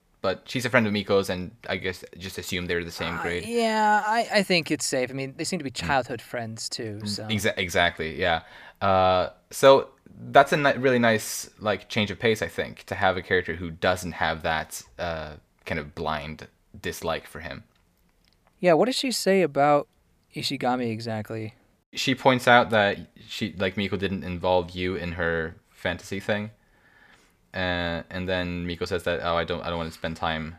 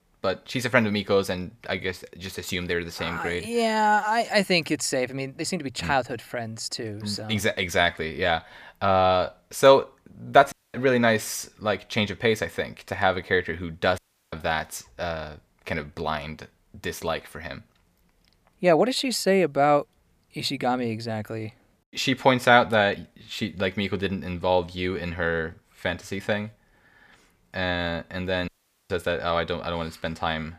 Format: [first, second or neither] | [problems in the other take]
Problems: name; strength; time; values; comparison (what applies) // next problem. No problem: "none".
first | audio cutting out; at 11 s, at 14 s and at 28 s